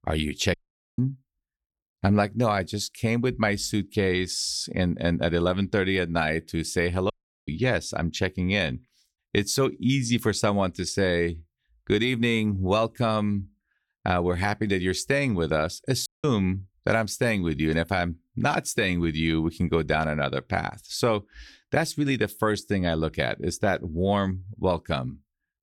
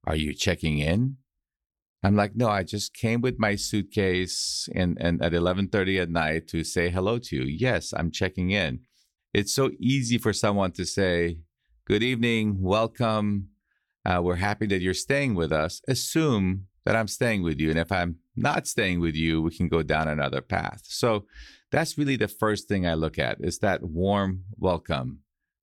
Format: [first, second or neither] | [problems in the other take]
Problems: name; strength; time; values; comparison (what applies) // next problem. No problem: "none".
second | audio cutting out; at 0.5 s, at 7 s and at 16 s